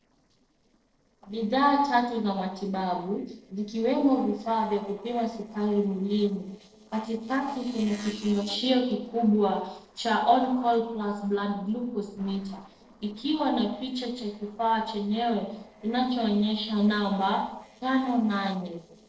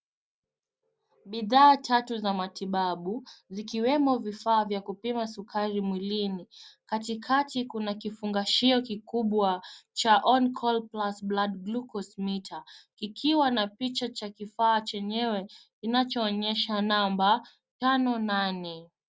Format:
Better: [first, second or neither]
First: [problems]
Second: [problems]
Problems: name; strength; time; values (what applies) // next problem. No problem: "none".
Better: second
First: noise reduction (neural separator model SepFormer DNS4)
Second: none